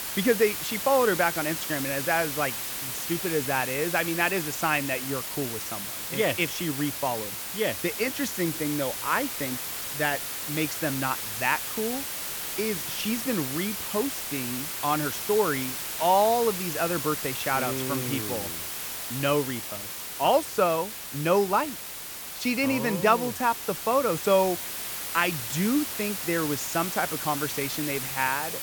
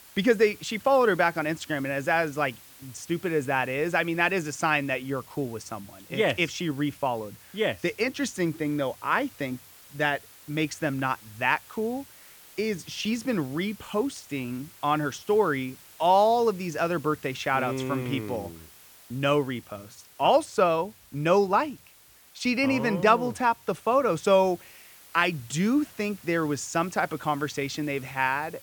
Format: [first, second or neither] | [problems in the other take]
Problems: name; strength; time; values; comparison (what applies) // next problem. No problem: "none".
second | hiss; loud; throughout; 4 dB below the speech; faint in the second